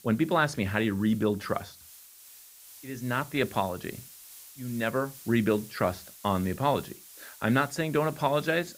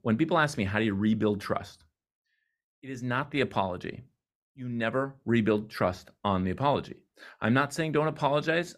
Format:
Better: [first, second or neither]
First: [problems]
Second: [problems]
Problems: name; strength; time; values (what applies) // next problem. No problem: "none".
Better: second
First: hiss; noticeable; throughout; 20 dB below the speech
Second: none